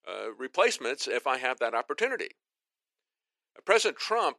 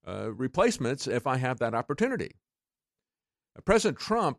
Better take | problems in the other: second | thin; very; fading below 350 Hz

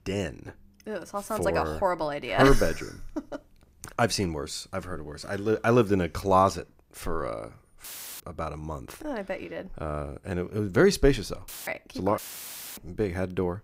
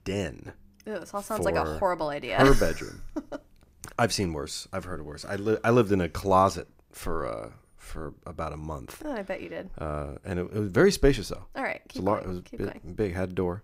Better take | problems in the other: second | audio cutting out; filled with static; at 8 s, at 11 s and at 12 s for 0.5 s

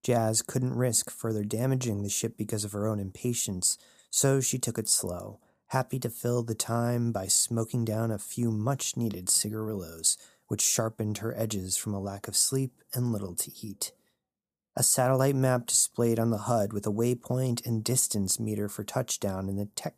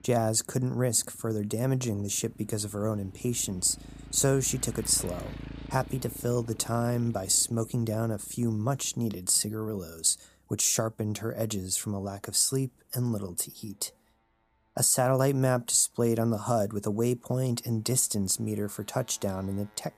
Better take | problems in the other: first | traffic noise; noticeable; throughout; 20 dB below the speech

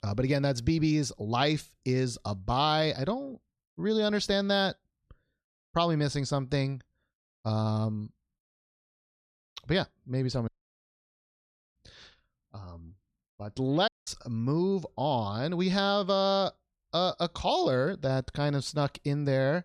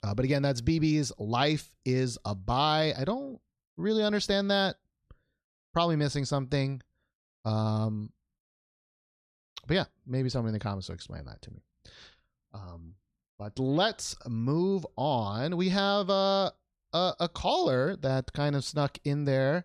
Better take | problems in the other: second | audio cutting out; at 10 s for 1.5 s and at 14 s

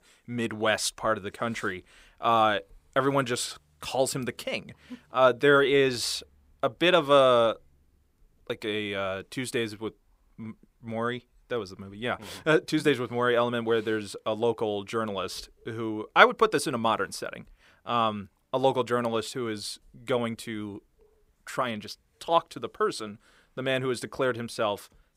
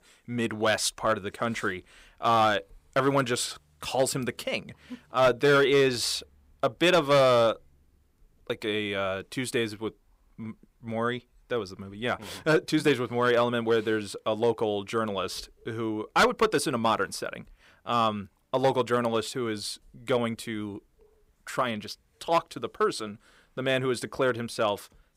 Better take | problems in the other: first | distortion; slight; 1.8% of the sound clipped

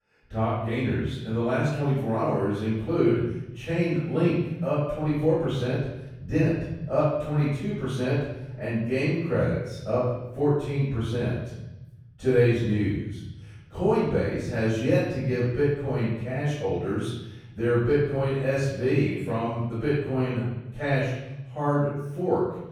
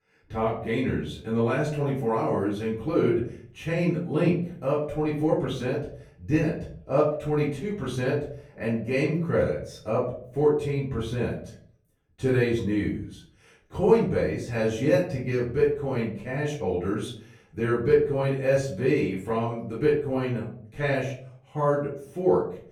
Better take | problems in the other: second | room echo; strong; dies away in 1.2 s; slight in the second // off-mic speech; far; far in the second

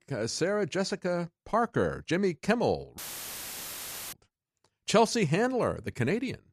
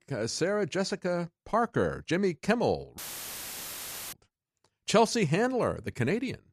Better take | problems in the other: neither | audio cutting out; filled with static; at 3 s for 1 s; the same in both

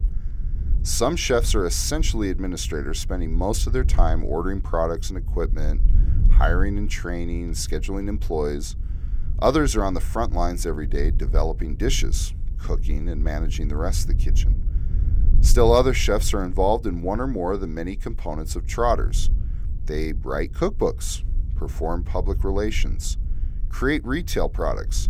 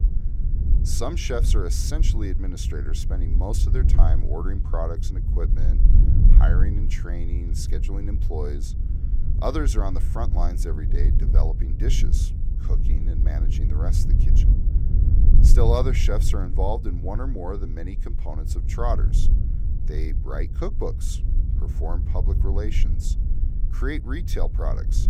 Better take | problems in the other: first | low rumble; loud; throughout; 8 dB below the speech; faint in the first

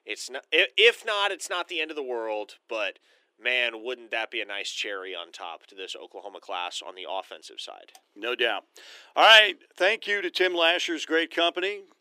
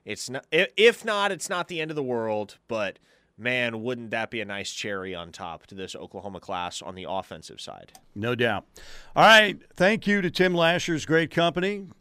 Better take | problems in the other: second | thin; very; fading below 350 Hz

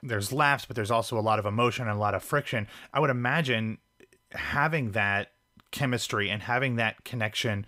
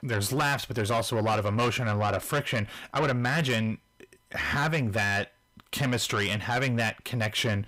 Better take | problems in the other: first | distortion; heavy; 8 dB below the speech

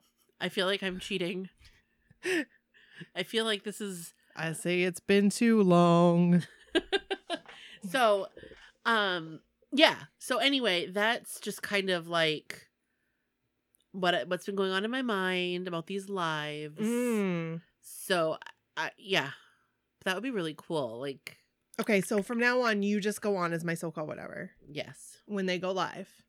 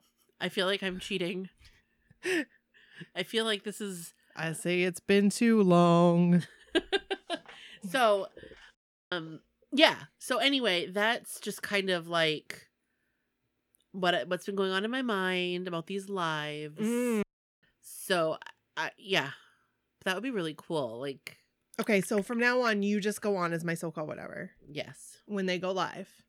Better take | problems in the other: first | audio cutting out; at 9 s and at 17 s

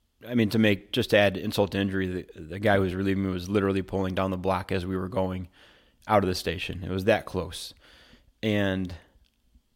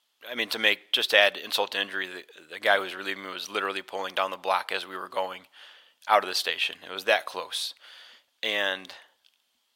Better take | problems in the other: first | thin; very; fading below 900 Hz

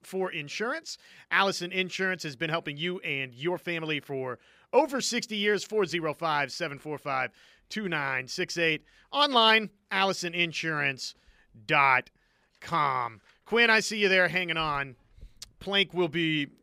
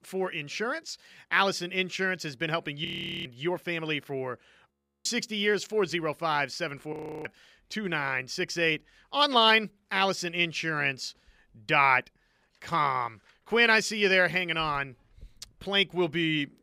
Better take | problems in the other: first | audio freezing; at 3 s, at 4.5 s and at 7 s

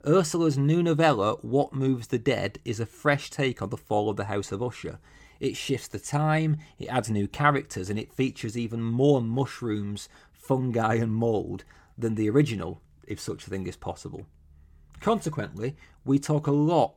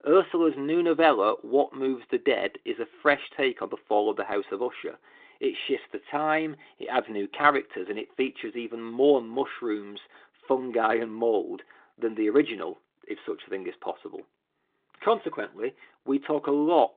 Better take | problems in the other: first | phone-call audio; nothing above 3.5 kHz

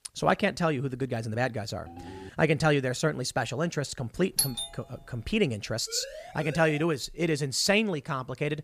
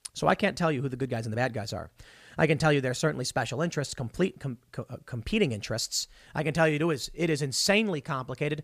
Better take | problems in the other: second | phone ringing; faint; at 2 s; peak 15 dB below the speech // doorbell; loud; at 4.5 s; peak 1 dB above the speech // siren; faint; at 6 s; peak 15 dB below the speech

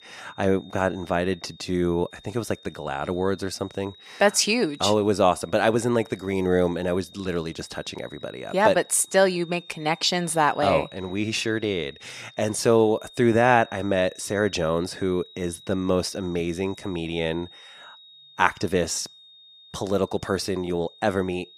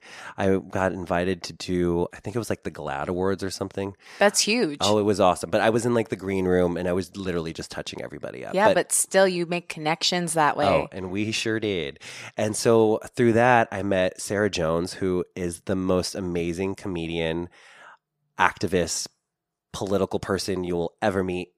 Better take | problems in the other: second | high-pitched whine; faint; throughout; 3.5 kHz, 25 dB below the speech

